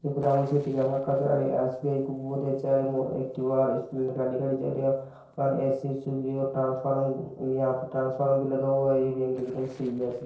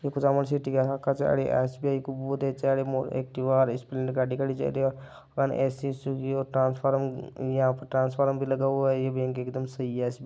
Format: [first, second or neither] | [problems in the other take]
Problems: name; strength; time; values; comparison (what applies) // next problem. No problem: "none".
second | noise reduction (neural separator model SepFormer DNS4)